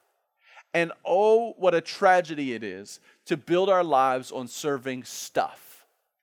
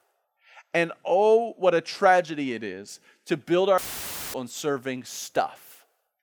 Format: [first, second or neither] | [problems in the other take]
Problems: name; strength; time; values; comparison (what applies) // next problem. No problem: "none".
first | audio cutting out; filled with static; at 4 s for 0.5 s